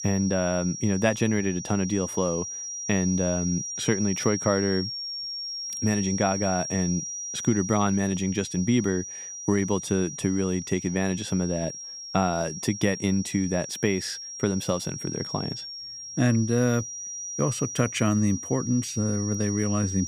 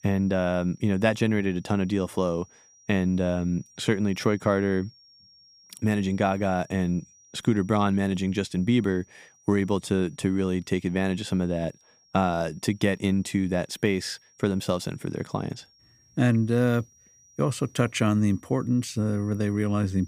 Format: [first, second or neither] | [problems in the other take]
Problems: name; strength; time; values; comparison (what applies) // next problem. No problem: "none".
second | high-pitched whine; loud; throughout; 5.5 kHz, 7 dB below the speech; faint in the second